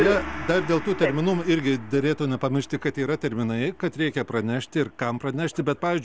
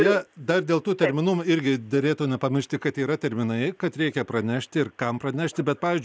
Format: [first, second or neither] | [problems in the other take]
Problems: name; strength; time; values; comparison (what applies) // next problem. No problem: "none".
second | background sound (Gong); 14 dB below the speech